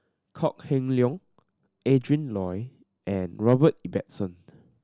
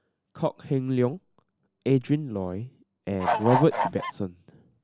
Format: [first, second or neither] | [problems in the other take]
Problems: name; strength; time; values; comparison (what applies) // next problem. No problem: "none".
first | background sound (Bird / Fowl); 1 dB above the speech